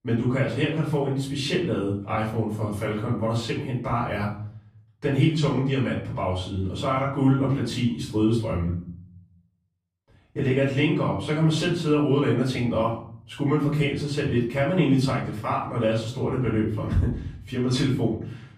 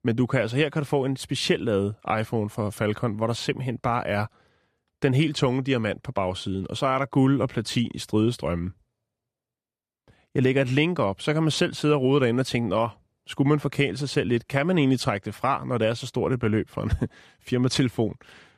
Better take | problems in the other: second | off-mic speech; far // room echo; noticeable; dies away in 0.7 s

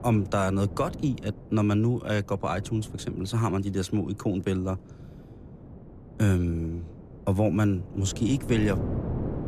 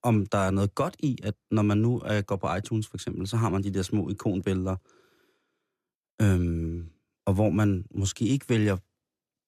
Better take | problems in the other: second | wind noise on the microphone; occasional gusts; 15 dB below the speech

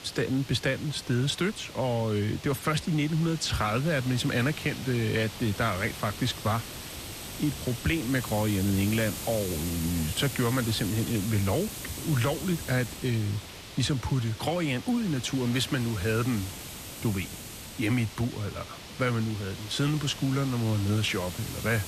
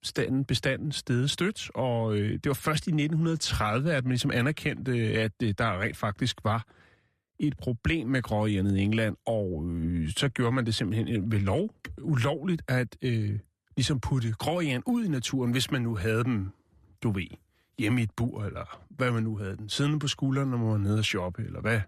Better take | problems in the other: second | hiss; loud; throughout; 10 dB below the speech

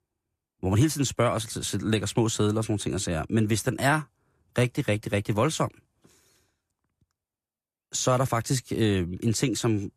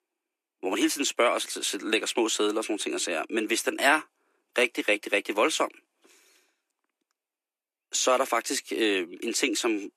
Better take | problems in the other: first | thin; somewhat; fading below 300 Hz

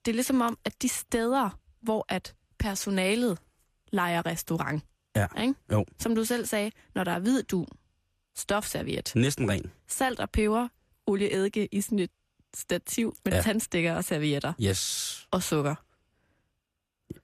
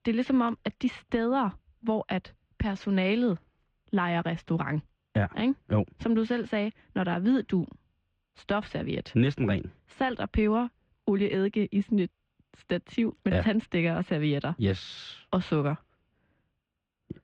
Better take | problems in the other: first | muffled; slightly; fading above 3.5 kHz

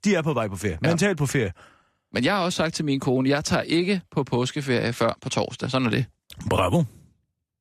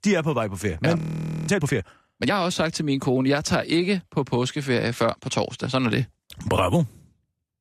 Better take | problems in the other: first | audio freezing; at 1 s for 0.5 s

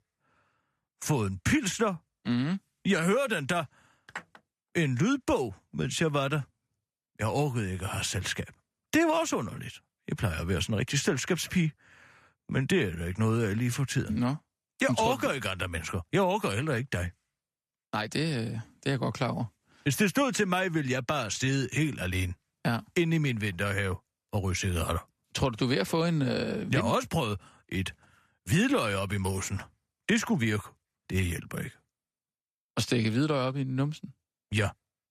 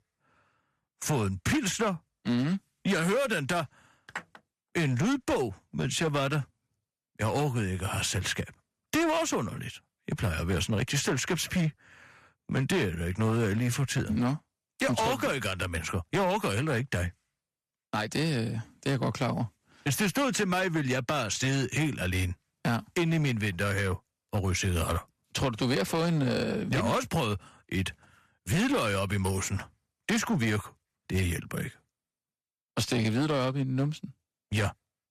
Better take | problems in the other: first | distortion; slight; 9% of the sound clipped

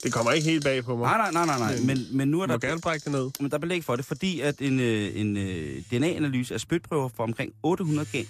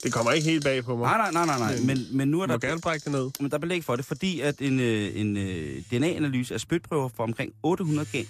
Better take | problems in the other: neither | household noises; noticeable; throughout; 15 dB below the speech; the same in both

